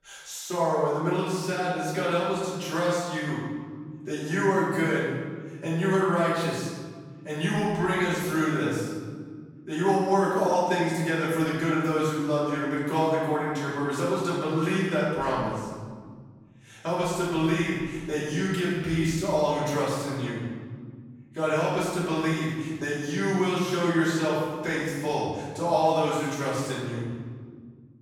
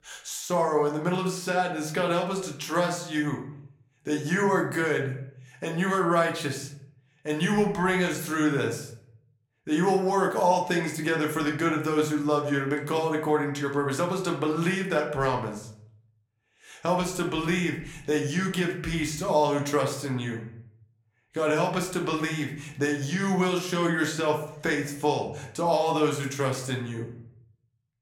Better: second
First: room echo; strong; dies away in 1.8 s // off-mic speech; far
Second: room echo; slight; dies away in 0.6 s // off-mic speech; somewhat distant

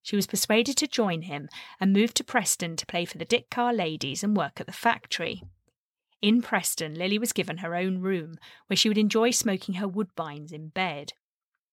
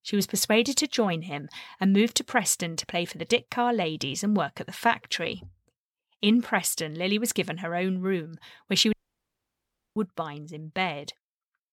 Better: first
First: none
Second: audio cutting out; at 9 s for 1 s

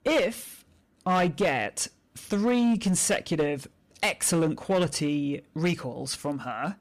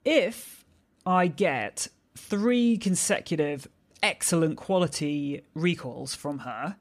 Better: second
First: distortion; slight; 7% of the sound clipped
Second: none

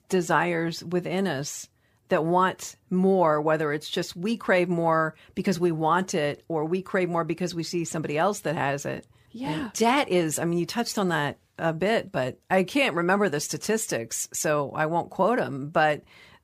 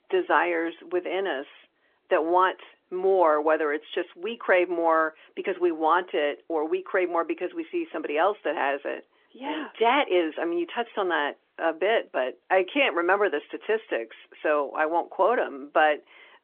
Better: first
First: none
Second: phone-call audio

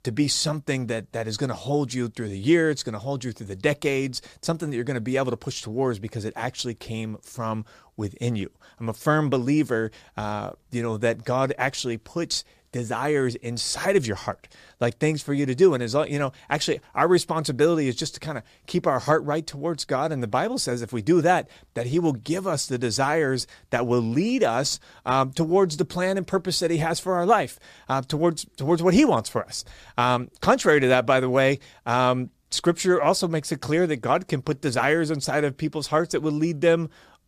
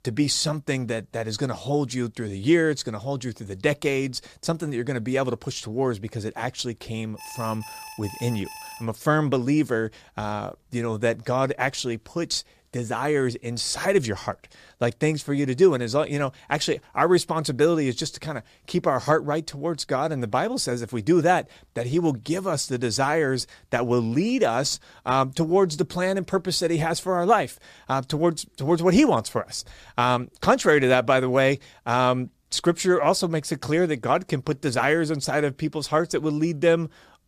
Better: first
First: none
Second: alarm; faint; from 7 to 9 s; peak 15 dB below the speech

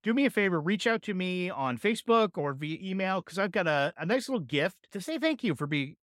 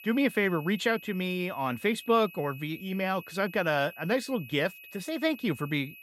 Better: first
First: none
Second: high-pitched whine; noticeable; throughout; 2.5 kHz, 15 dB below the speech

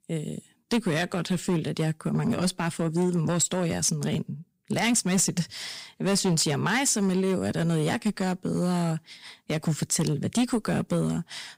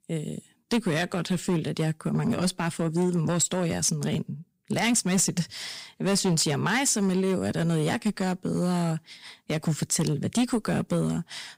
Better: neither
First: distortion; slight; 7% of the sound clipped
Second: distortion; slight; 7% of the sound clipped

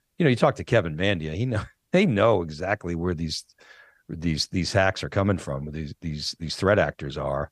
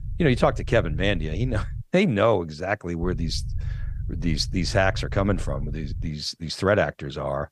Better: first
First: none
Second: low rumble; faint; until 2 s and from 3 to 6 s; 25 dB below the speech

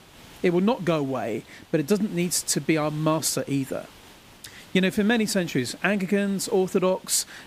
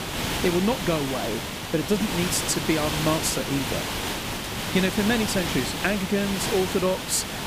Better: first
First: hiss; faint; throughout; 25 dB below the speech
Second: hiss; loud; throughout; 2 dB below the speech

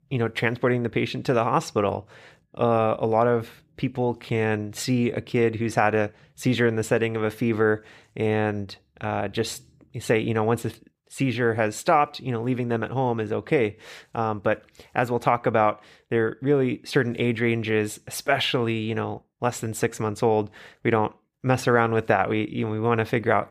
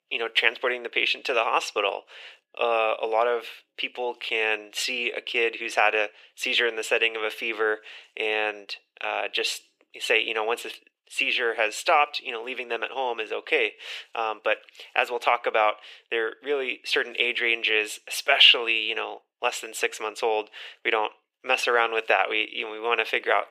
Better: first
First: none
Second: thin; very; fading below 450 Hz

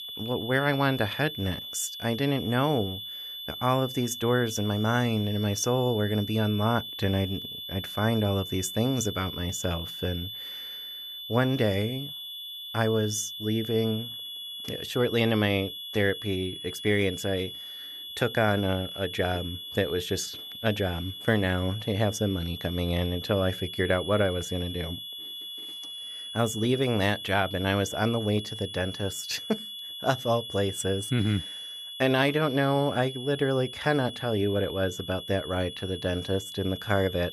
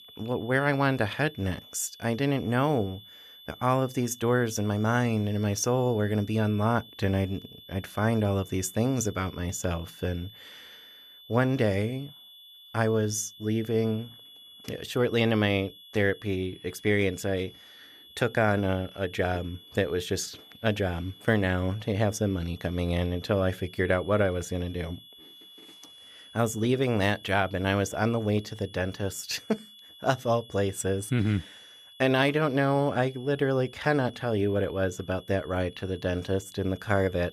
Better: second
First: high-pitched whine; loud; throughout; 3.5 kHz, 8 dB below the speech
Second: high-pitched whine; faint; throughout; 3.5 kHz, 20 dB below the speech

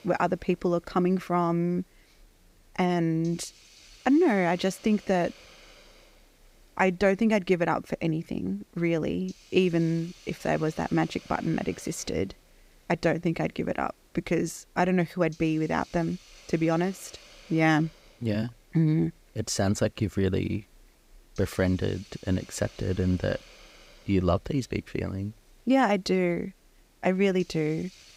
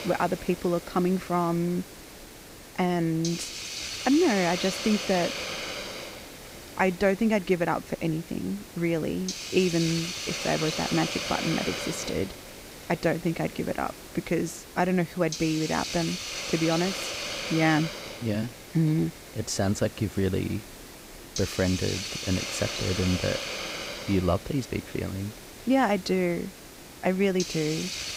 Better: first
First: hiss; faint; throughout; 25 dB below the speech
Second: hiss; loud; throughout; 7 dB below the speech

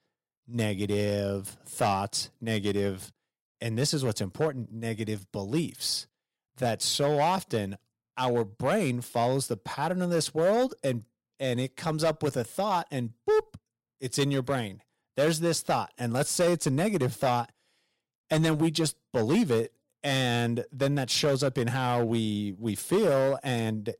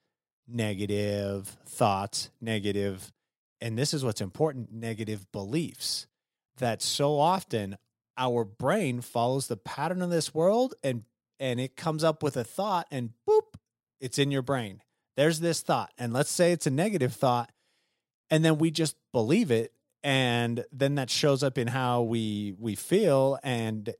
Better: second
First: distortion; slight; 4% of the sound clipped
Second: none

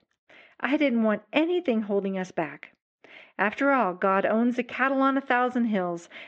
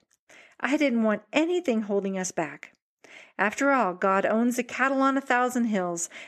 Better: second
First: muffled; very; fading above 4 kHz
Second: none

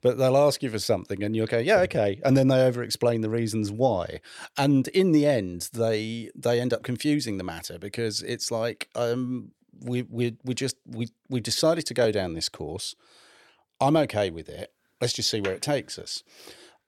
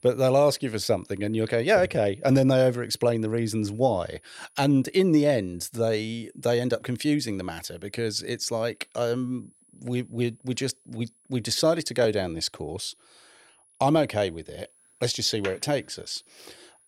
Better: first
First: none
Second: high-pitched whine; faint; throughout; 10.5 kHz, 30 dB below the speech

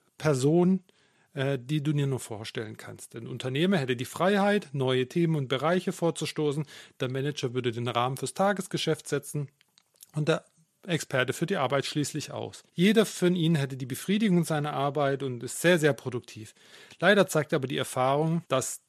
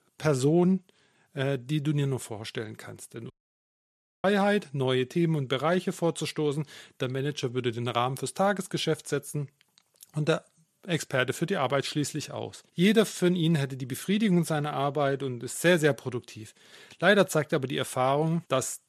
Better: first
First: none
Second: audio cutting out; at 3.5 s for 1 s

